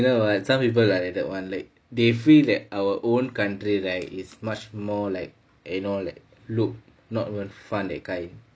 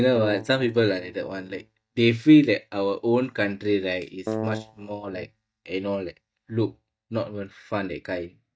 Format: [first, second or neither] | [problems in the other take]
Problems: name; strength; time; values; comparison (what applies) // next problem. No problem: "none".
first | noise reduction (neural mask model DeepFilterNet 3)